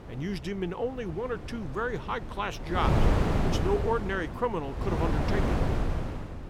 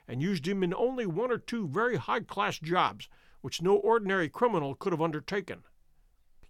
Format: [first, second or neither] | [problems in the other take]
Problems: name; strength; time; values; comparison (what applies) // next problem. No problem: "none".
second | wind noise on the microphone; heavy; 2 dB below the speech